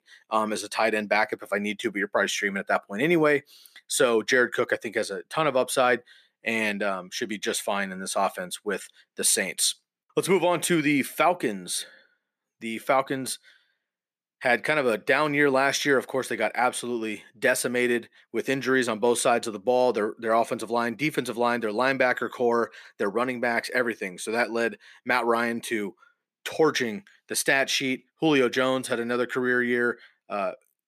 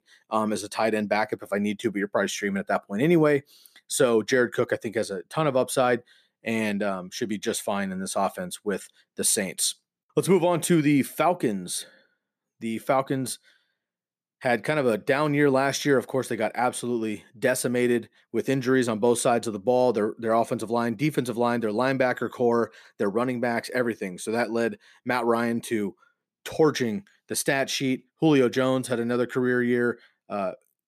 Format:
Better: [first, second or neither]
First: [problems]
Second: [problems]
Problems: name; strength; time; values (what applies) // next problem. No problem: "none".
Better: second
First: thin; very slightly; fading below 300 Hz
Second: none